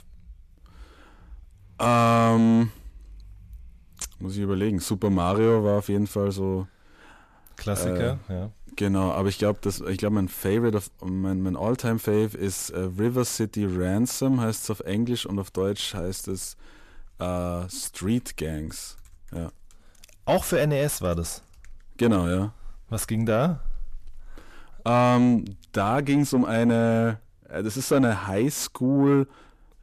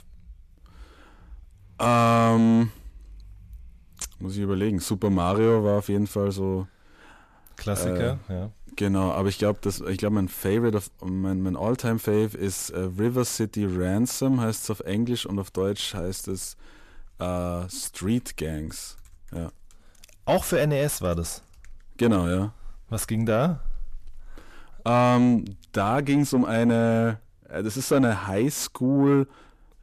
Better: neither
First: distortion; slight; 10 dB below the speech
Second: distortion; slight; 10 dB below the speech

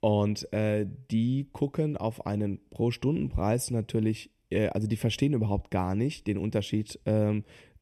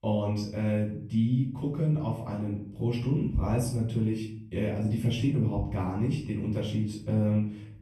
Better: first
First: none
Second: off-mic speech; far // room echo; noticeable; dies away in 0.5 s

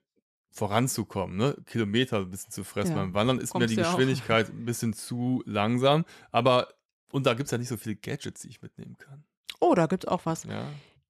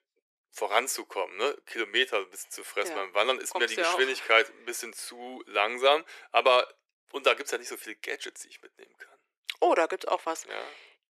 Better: first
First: none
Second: thin; very; fading below 350 Hz

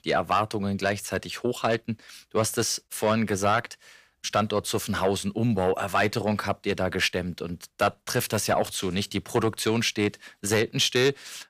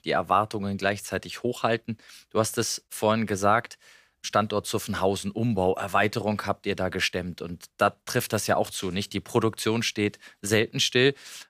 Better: second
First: distortion; slight; 10 dB below the speech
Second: none

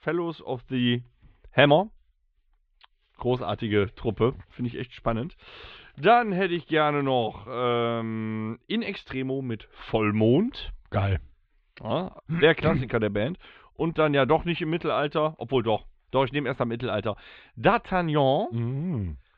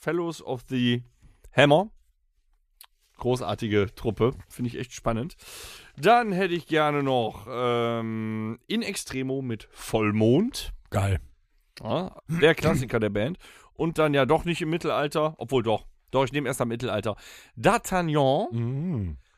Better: second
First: muffled; slightly; fading above 3.5 kHz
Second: none

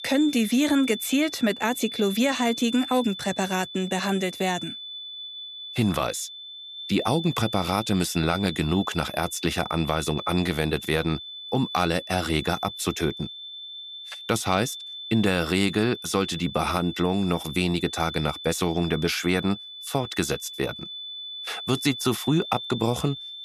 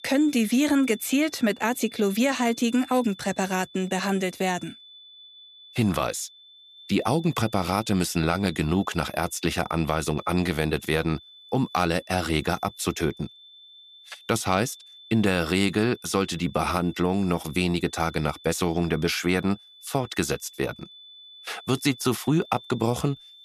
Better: second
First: high-pitched whine; loud; throughout; 3.5 kHz, 10 dB below the speech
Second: high-pitched whine; faint; throughout; 3.5 kHz, 20 dB below the speech

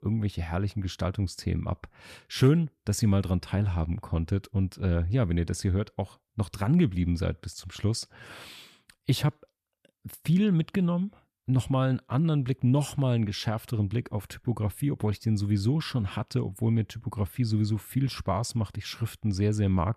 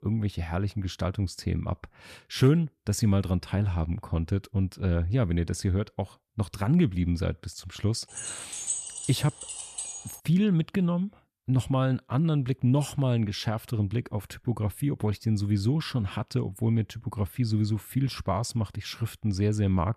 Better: first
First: none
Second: jangling keys; noticeable; from 8 to 10 s; peak 2 dB below the speech

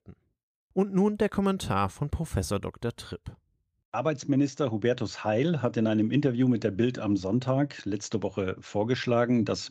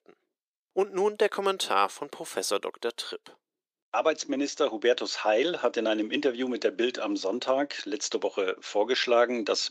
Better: first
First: none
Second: thin; somewhat; fading below 350 Hz

